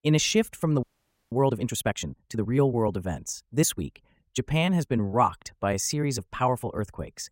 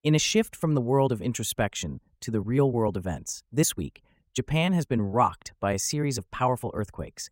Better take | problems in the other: second | audio freezing; at 1 s

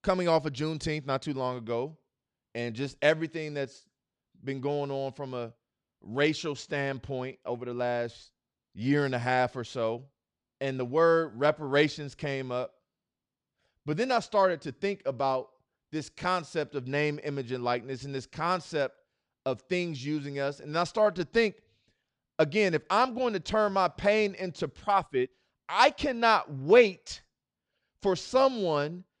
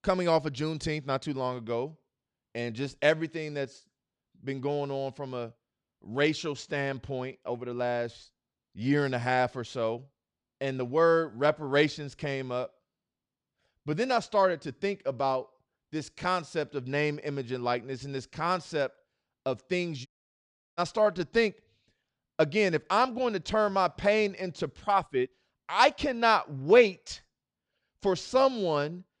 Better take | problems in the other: first | audio cutting out; at 20 s for 0.5 s

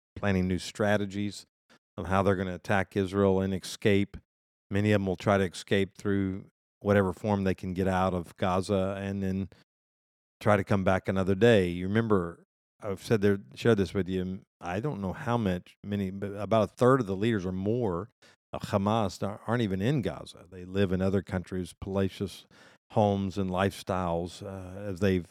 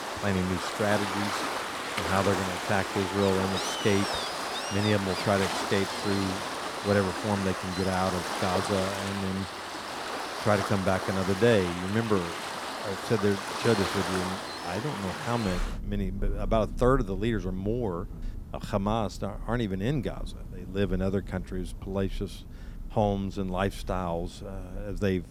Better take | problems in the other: first | rain or running water; loud; throughout; 4 dB below the speech

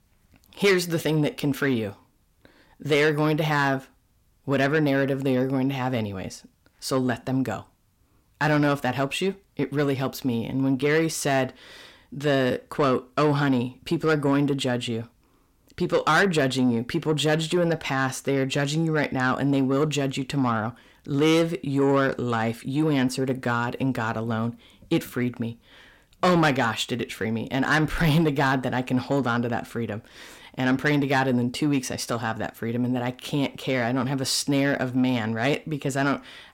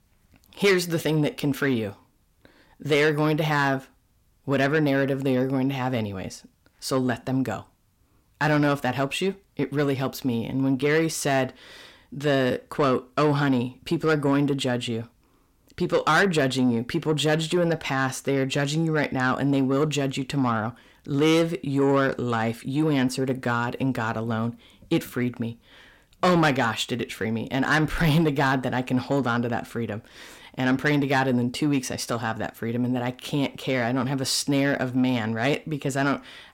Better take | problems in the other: neither | distortion; slight; 10 dB below the speech; the same in both

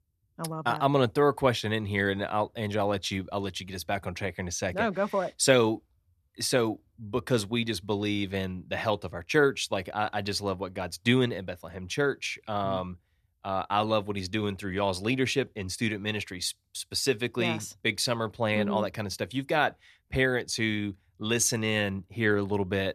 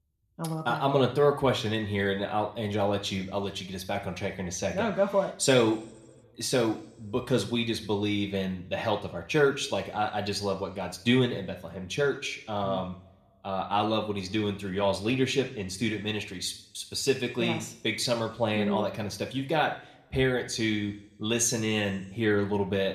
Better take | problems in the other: first | room echo; slight; dies away in 0.6 s

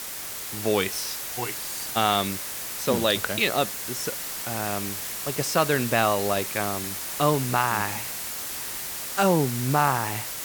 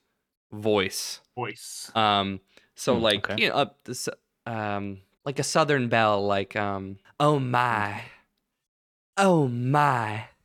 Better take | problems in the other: second | hiss; loud; throughout; 4 dB below the speech

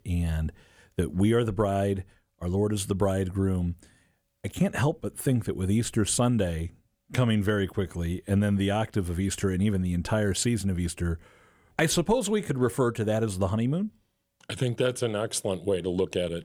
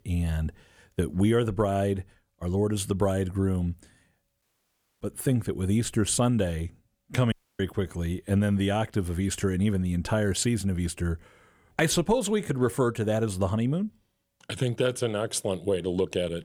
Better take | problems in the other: first | audio cutting out; at 4.5 s for 0.5 s and at 7.5 s

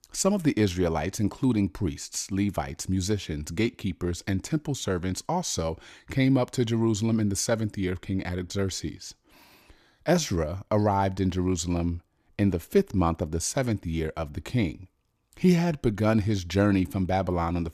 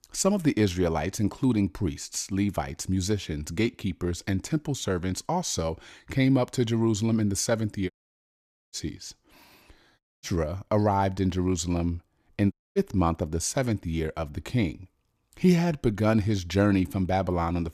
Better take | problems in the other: first | audio cutting out; at 8 s for 1 s, at 10 s and at 13 s

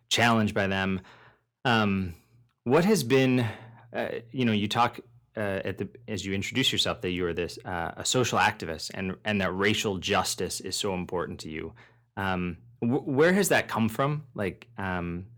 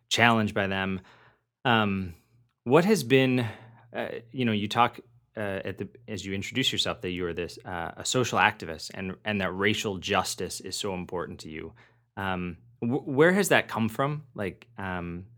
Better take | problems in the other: second | distortion; slight; 10 dB below the speech

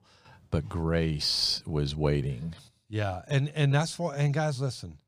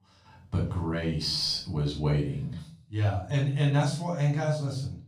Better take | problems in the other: first | off-mic speech; far // room echo; slight; dies away in 0.3 s

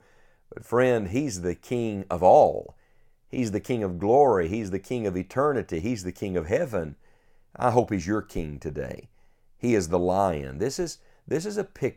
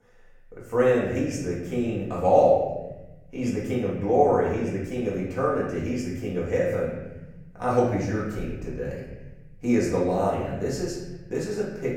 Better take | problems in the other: first | off-mic speech; far // room echo; noticeable; dies away in 1.2 s

